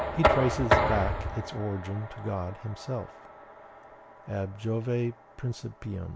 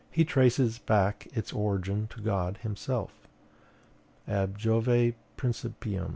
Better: second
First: background sound (Knock); 1 dB above the speech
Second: none

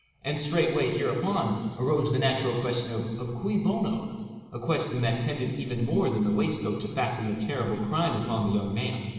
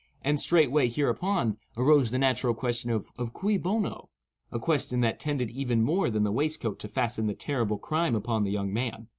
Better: second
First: room echo; dies away in 1.7 s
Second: none

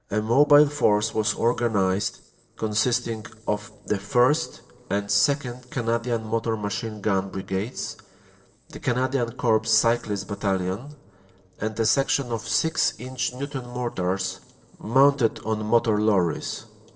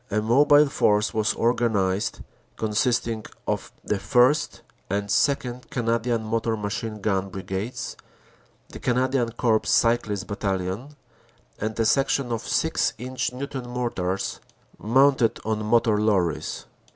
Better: second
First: noise reduction (neural separator model SepFormer DNS4)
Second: none

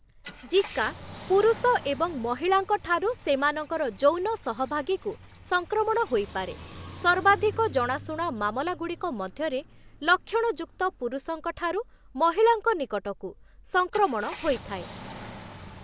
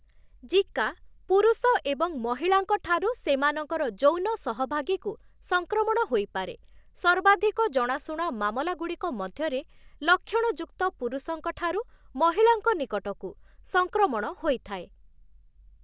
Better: second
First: background sound (Car); 18 dB below the speech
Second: none

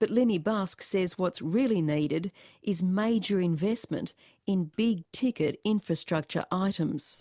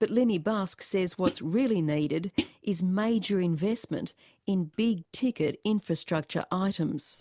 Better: first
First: none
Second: noise reduction (neural mask model Resemble Enhance denoiser)

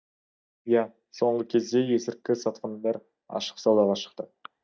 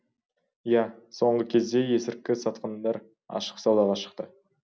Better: second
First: noise reduction (neural mask model DeepFilterNet 3)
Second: none

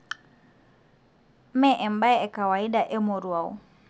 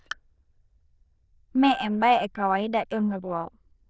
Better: first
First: none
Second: noise reduction (neural diffusion model UNIVERSE++)

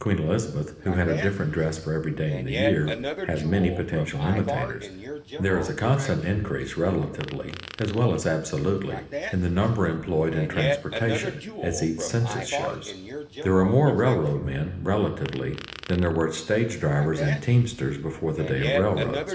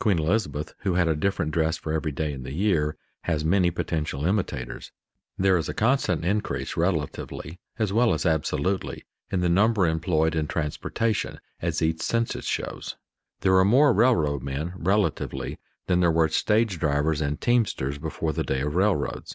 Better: second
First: background sound (Fart); 9 dB below the speech // room echo; dies away in 1 s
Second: none

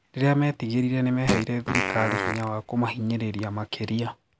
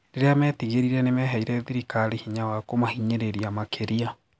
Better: second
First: background sound (Fart); 3 dB below the speech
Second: none

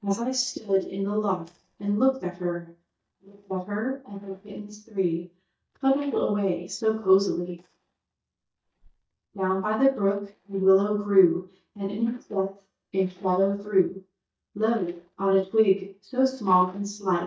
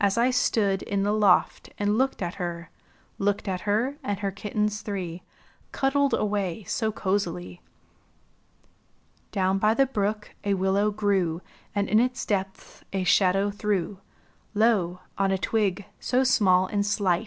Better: second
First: noise reduction (neural mask model DeepFilterNet 3)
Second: none

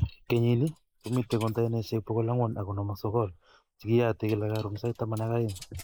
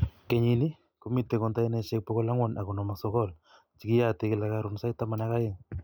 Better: second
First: noise reduction (neural mask model Resemble Enhance denoiser)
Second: none

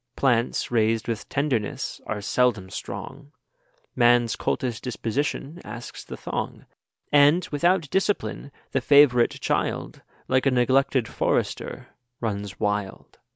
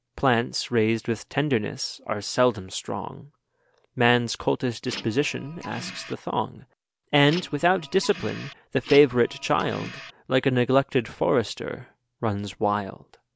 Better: first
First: none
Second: background sound (Printer); 14 dB below the speech

